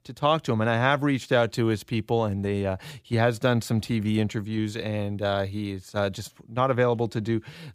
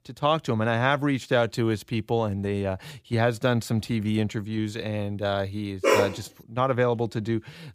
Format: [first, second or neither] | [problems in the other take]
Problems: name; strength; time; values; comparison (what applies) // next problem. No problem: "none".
first | dog barking; loud; at 6 s; peak 4 dB above the speech